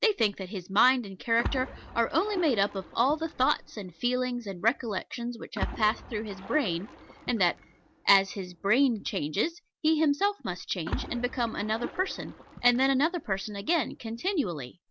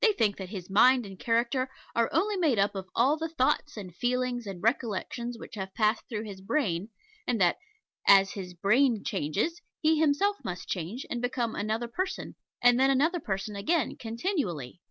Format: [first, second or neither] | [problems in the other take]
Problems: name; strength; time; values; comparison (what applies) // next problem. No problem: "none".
second | background sound (Splash, splatter); 12 dB below the speech